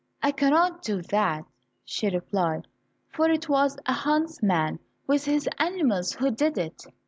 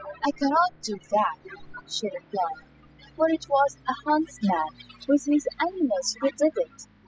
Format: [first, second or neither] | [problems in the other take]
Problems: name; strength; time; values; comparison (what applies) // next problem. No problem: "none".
first | noise reduction (classical method spectral subtraction)